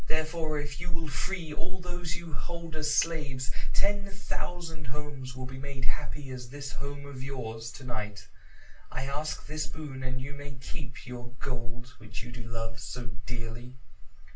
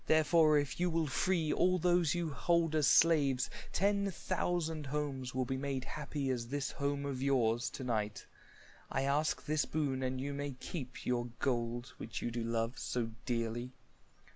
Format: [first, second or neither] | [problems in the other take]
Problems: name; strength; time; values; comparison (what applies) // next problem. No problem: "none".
second | room echo; dies away in 0.2 s